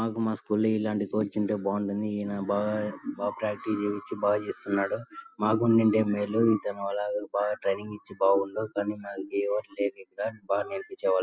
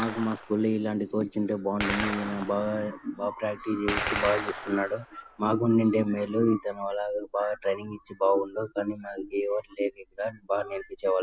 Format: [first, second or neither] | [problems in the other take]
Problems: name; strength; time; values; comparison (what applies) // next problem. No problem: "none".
first | background sound (Gunshot, gunfire); 11 dB below the speech